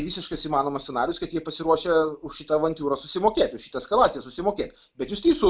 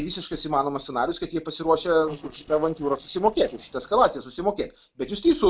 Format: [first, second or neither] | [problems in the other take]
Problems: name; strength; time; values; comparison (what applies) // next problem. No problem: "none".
first | noise reduction (neural separator model SepFormer DNS4)